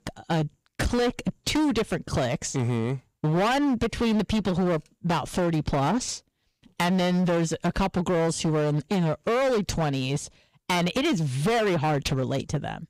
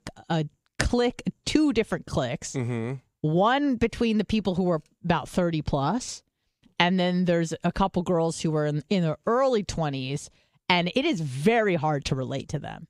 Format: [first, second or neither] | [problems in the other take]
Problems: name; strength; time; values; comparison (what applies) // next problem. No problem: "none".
second | distortion; heavy; 20% of the sound clipped